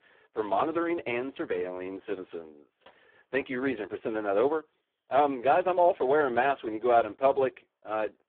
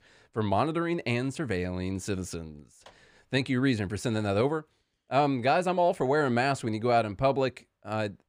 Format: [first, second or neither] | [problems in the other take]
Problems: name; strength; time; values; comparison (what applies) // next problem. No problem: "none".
second | phone-call audio; poor line; nothing above 3.5 kHz